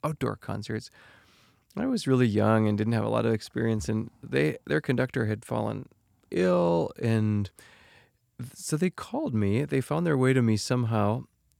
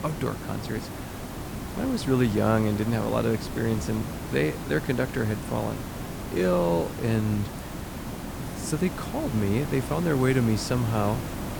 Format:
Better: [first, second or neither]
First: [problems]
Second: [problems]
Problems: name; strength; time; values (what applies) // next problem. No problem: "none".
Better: first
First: none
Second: hiss; loud; throughout; 8 dB below the speech